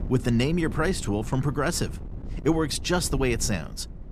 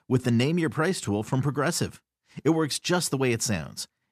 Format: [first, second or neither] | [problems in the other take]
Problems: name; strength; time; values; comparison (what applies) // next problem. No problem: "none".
second | wind noise on the microphone; occasional gusts; 20 dB below the speech